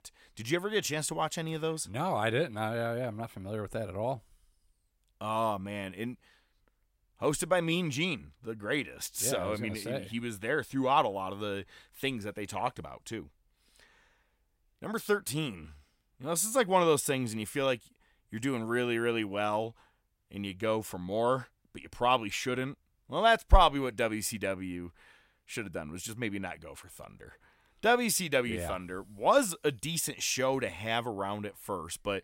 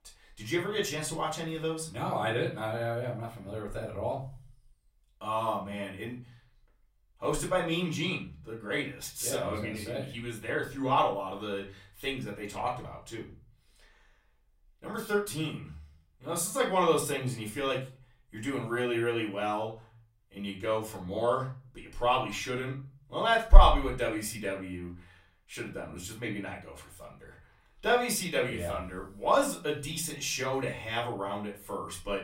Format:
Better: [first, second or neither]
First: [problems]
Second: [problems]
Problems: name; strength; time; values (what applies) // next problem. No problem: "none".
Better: first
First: none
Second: room echo; slight; dies away in 0.4 s // off-mic speech; far